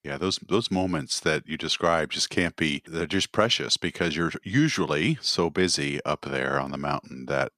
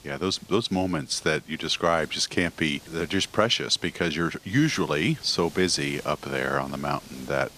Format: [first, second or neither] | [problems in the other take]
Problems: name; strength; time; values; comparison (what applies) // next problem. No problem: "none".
first | hiss; faint; throughout; 20 dB below the speech